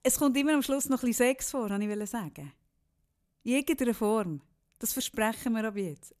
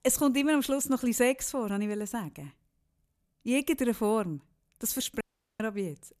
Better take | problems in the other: first | audio cutting out; at 5 s

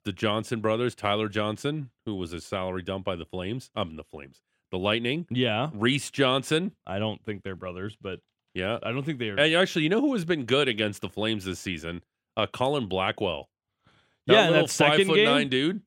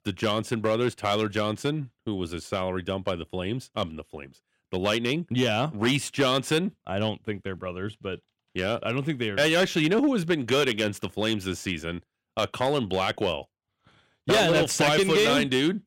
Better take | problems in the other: first | distortion; slight; 4% of the sound clipped

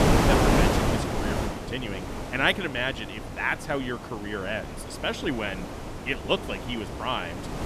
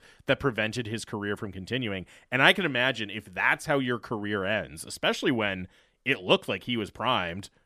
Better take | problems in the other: second | wind noise on the microphone; heavy; 2 dB below the speech

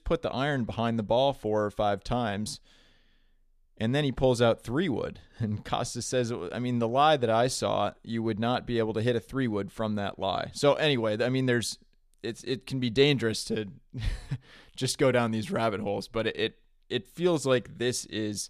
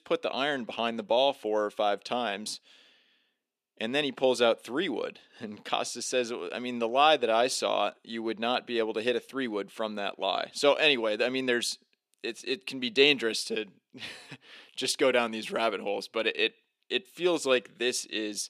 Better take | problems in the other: first | thin; very slightly; fading below 300 Hz

